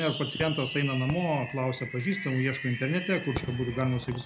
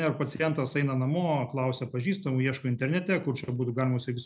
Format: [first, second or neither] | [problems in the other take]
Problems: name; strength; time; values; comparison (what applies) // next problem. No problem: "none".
second | background sound (Fireworks); 9 dB below the speech